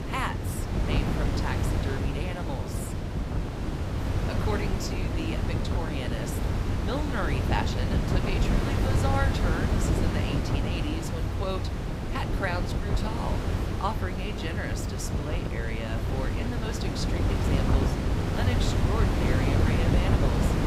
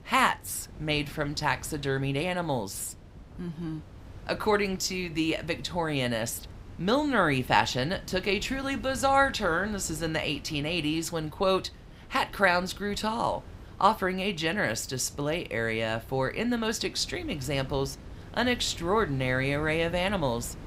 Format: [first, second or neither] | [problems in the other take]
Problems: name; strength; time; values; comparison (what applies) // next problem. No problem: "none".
second | wind noise on the microphone; heavy; 1 dB above the speech; occasional gusts in the second